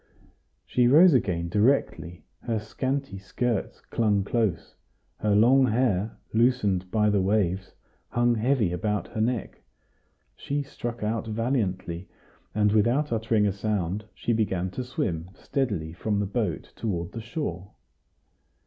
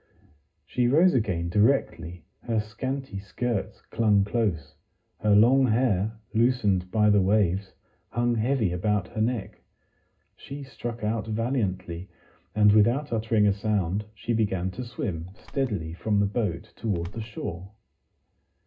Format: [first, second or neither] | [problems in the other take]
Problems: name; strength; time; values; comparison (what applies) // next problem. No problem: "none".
first | background sound (Bird); 14 dB below the speech // room echo; dies away in 0.2 s